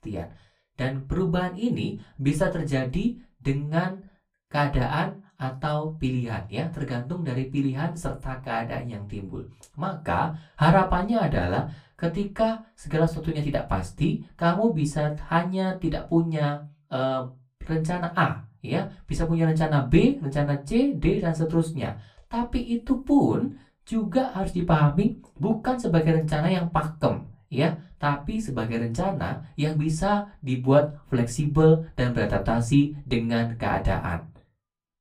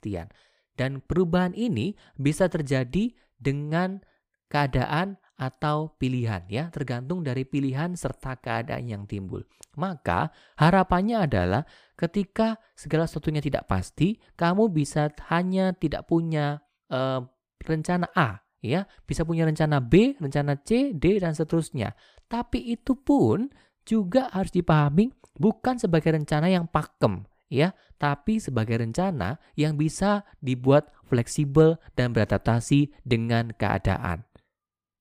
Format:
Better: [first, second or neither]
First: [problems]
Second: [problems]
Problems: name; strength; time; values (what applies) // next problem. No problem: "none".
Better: second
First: off-mic speech; far // room echo; very slight; dies away in 0.2 s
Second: none